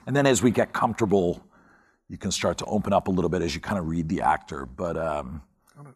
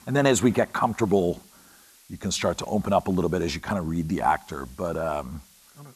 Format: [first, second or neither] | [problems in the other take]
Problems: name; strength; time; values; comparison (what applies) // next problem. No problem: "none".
first | hiss; faint; throughout; 25 dB below the speech